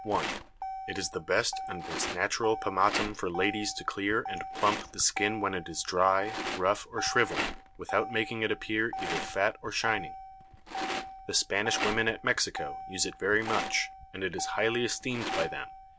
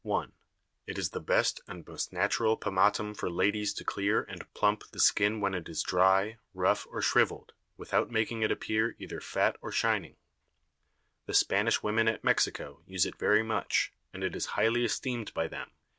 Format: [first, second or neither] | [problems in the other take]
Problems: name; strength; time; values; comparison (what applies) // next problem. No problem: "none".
second | background sound (Motor vehicle (road) + Rattle); 7 dB below the speech